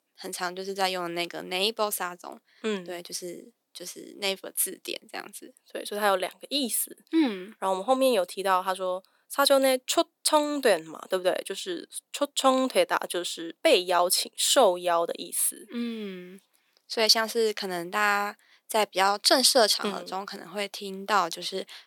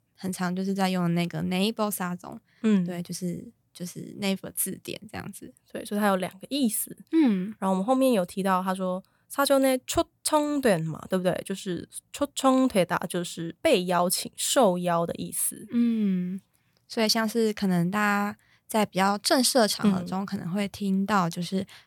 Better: second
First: thin; somewhat; fading below 300 Hz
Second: none

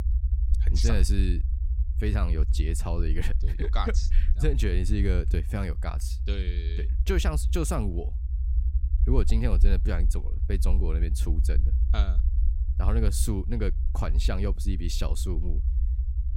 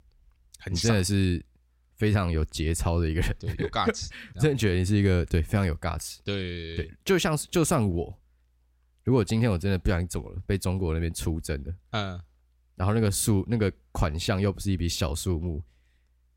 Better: second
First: low rumble; noticeable; throughout; 10 dB below the speech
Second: none

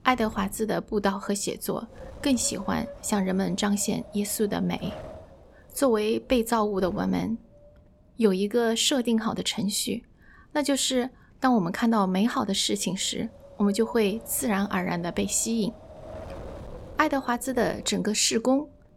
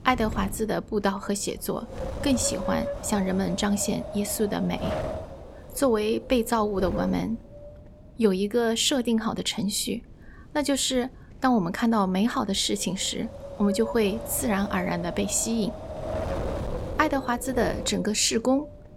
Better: first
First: wind noise on the microphone; occasional gusts; 20 dB below the speech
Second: wind noise on the microphone; heavy; 9 dB below the speech

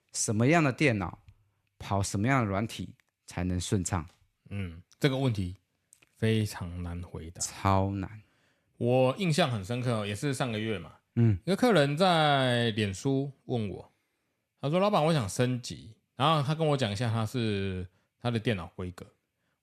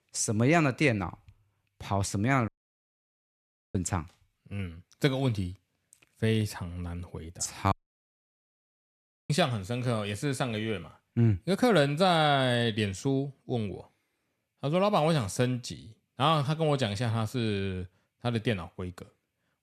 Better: first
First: none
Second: audio cutting out; at 2.5 s for 1.5 s and at 7.5 s for 1.5 s

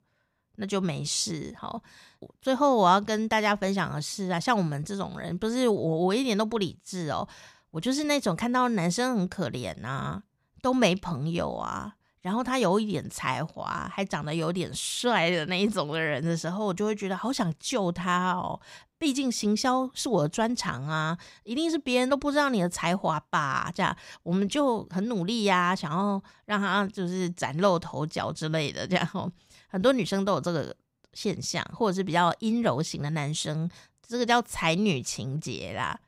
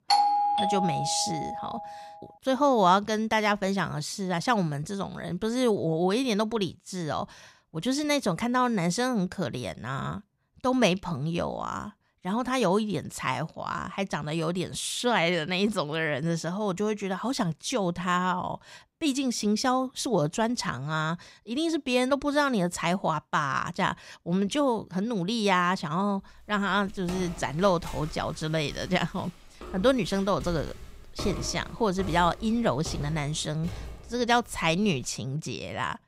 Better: first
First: none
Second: doorbell; loud; until 1.5 s; peak 5 dB above the speech // footsteps; noticeable; from 27 to 35 s; peak 9 dB below the speech

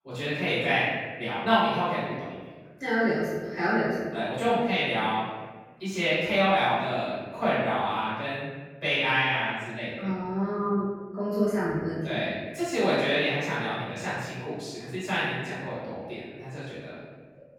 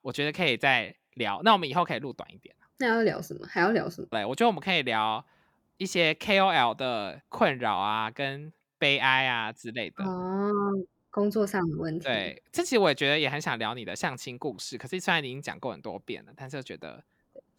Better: second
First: off-mic speech; far // room echo; strong; dies away in 1.4 s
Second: none

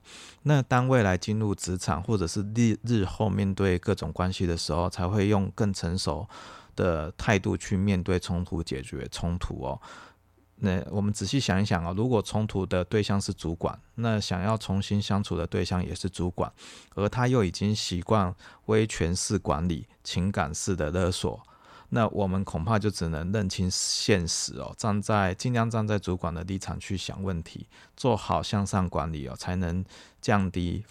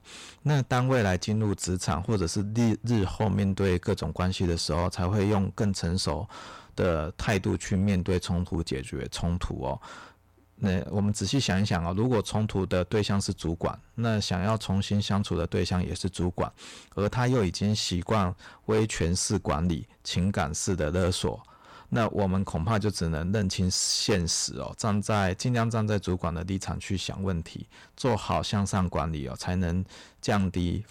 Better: first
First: none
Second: distortion; slight; 6% of the sound clipped

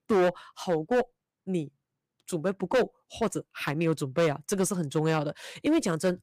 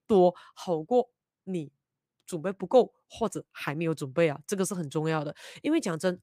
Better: second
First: distortion; heavy; 7% of the sound clipped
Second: none

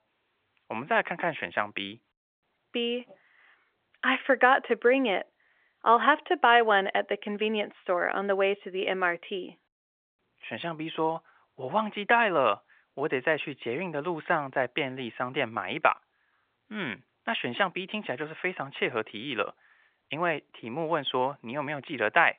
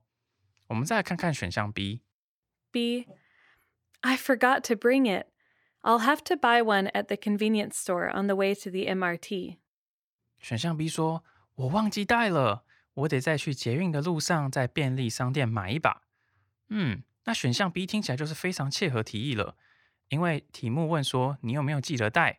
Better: second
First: phone-call audio; nothing above 3.5 kHz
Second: none

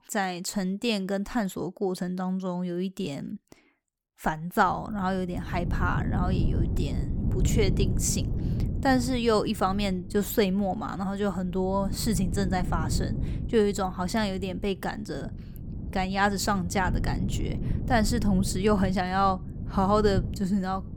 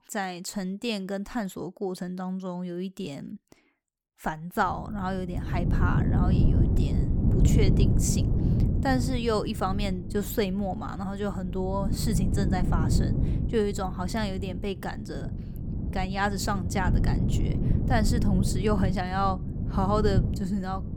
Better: first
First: wind noise on the microphone; occasional gusts; from 4.5 s on; 15 dB below the speech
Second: wind noise on the microphone; heavy; from 4.5 s on; 6 dB below the speech

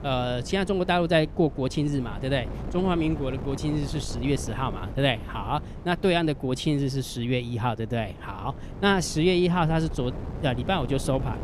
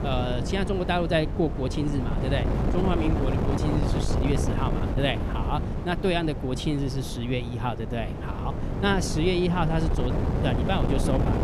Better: first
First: wind noise on the microphone; occasional gusts; 15 dB below the speech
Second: wind noise on the microphone; heavy; 5 dB below the speech

